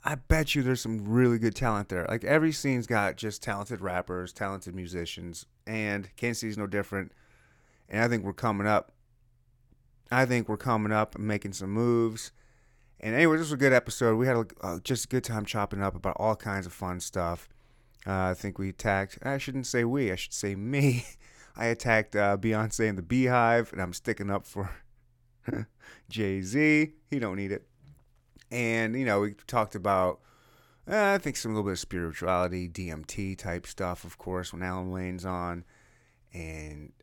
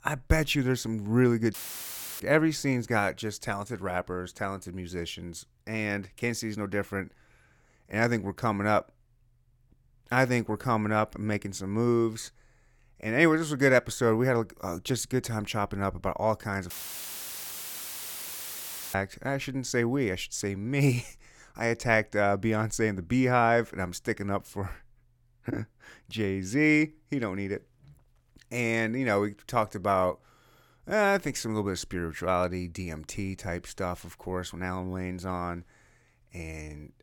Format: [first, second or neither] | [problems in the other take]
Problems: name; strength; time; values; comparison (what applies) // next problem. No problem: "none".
first | audio cutting out; filled with static; at 1.5 s for 0.5 s and at 17 s for 2 s